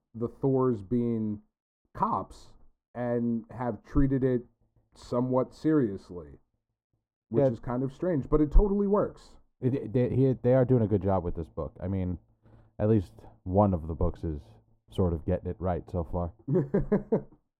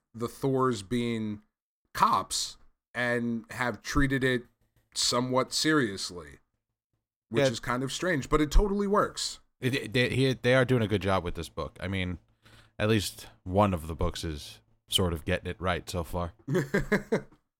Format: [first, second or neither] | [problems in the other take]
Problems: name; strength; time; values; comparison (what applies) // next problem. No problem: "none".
second | muffled; very; fading above 1 kHz